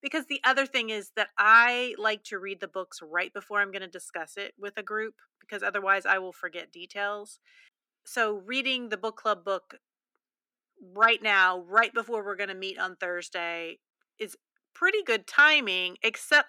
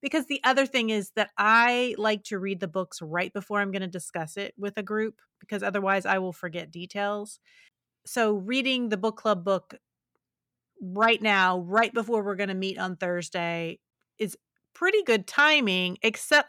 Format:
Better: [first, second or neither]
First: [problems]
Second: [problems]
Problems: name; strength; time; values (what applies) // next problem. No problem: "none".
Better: second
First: thin; somewhat; fading below 250 Hz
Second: none